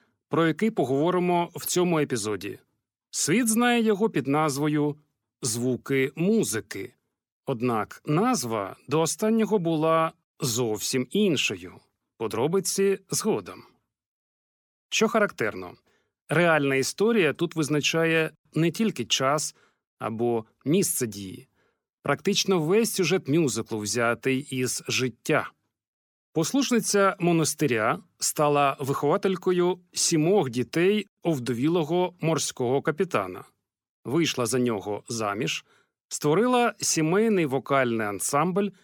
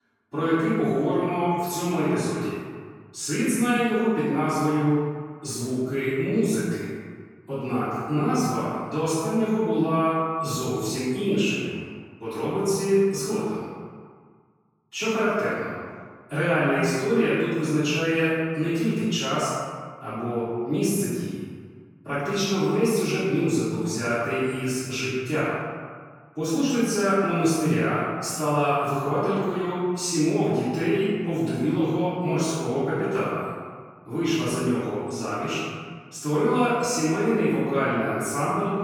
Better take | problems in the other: first | room echo; strong; dies away in 1.6 s // off-mic speech; far

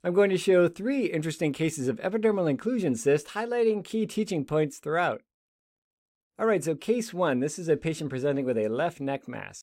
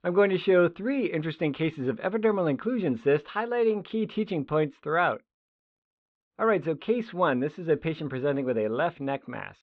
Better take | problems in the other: first | muffled; very; fading above 3.5 kHz

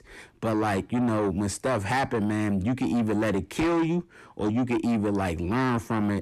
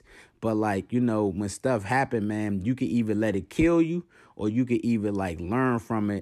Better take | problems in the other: second | distortion; heavy; 7 dB below the speech

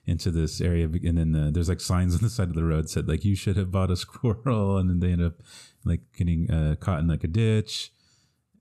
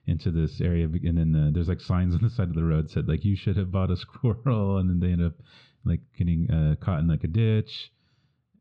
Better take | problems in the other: first | muffled; slightly; fading above 3.5 kHz

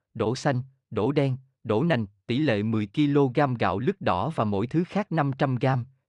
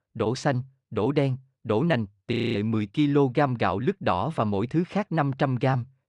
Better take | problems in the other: first | audio freezing; at 2.5 s

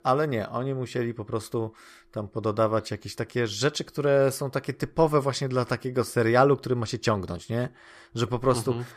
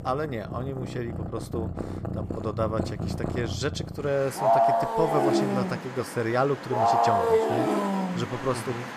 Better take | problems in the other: first | animal sounds; very loud; throughout; 4 dB above the speech

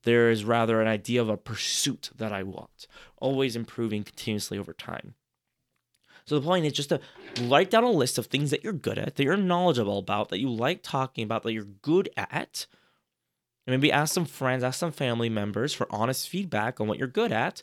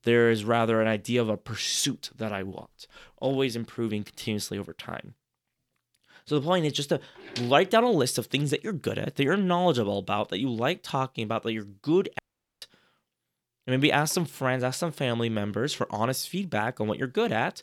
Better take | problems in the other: first | audio cutting out; at 12 s

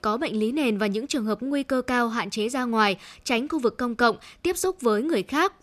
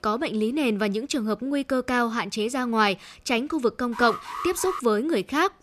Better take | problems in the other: first | alarm; noticeable; at 4 s; peak 8 dB below the speech

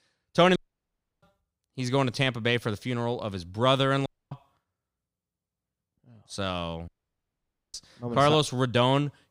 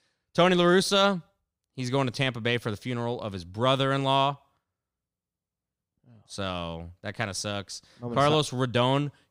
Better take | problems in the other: second | audio cutting out; at 0.5 s for 0.5 s, at 4 s and at 7 s for 1 s

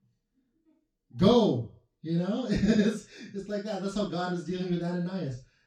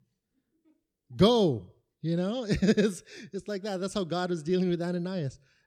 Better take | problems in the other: second | room echo; noticeable; dies away in 0.2 s // off-mic speech; far

